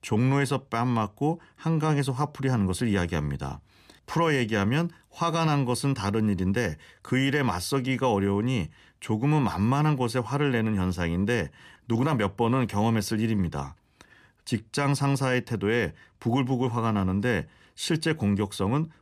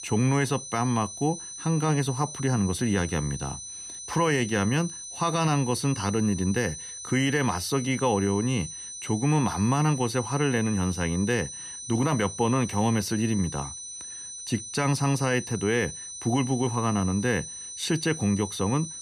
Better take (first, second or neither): first